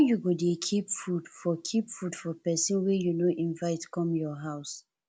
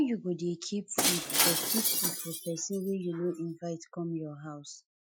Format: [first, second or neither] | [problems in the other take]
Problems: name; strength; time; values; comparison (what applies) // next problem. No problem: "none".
first | noise reduction (classical method Wiener filter)